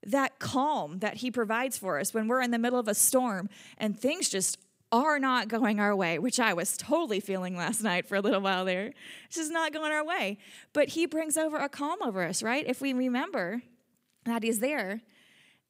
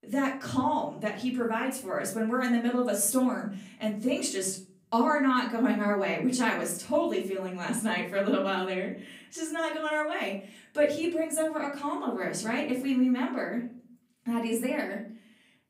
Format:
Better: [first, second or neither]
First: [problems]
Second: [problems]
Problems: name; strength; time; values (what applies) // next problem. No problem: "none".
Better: first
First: none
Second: off-mic speech; far // room echo; slight; dies away in 0.5 s